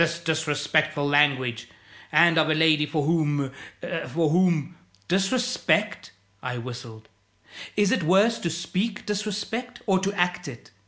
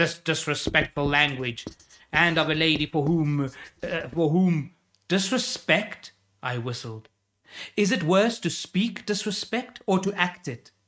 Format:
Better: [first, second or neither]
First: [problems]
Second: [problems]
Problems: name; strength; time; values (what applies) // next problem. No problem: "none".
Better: first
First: none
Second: noise reduction (neural mask model RNNoise)